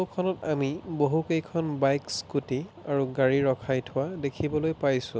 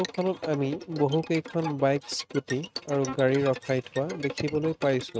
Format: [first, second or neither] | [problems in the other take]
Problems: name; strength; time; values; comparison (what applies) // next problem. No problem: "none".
first | noise reduction (neural mask model RNNoise)